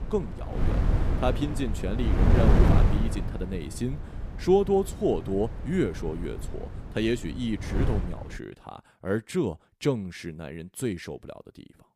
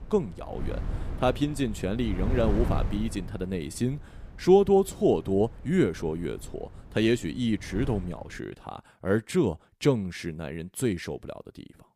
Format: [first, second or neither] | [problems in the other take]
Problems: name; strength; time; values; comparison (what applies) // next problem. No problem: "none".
second | wind noise on the microphone; heavy; until 8.5 s; 4 dB below the speech; occasional gusts in the second